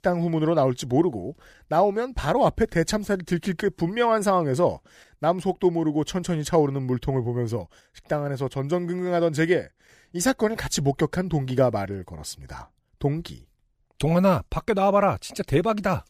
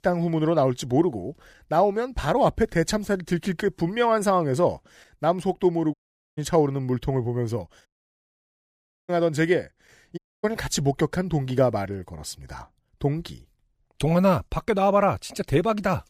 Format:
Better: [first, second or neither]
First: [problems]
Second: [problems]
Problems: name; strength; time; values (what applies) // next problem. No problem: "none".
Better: first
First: none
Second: audio cutting out; at 6 s, at 8 s for 1 s and at 10 s